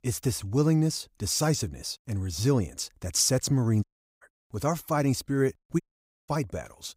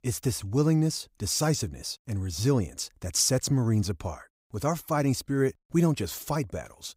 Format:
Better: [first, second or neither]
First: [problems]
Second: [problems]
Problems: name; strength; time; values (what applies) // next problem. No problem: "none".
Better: second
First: audio cutting out; at 4 s and at 6 s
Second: none